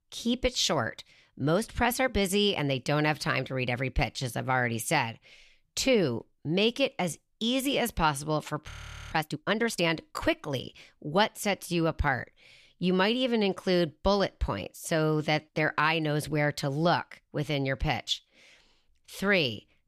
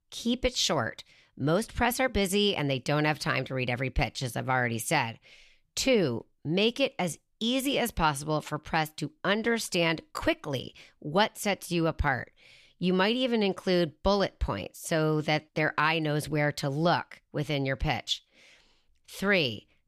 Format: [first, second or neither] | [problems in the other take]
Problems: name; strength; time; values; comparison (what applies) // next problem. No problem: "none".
second | audio freezing; at 8.5 s